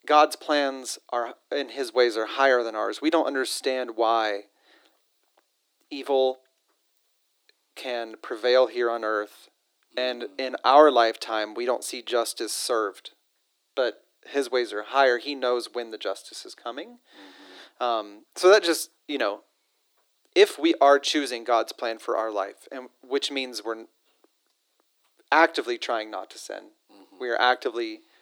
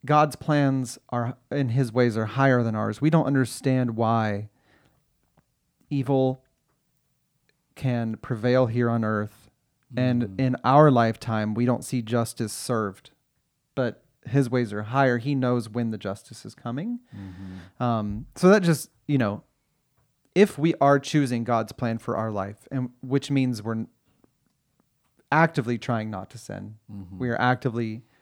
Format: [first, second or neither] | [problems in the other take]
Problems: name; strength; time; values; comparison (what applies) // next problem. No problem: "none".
second | thin; very; fading below 300 Hz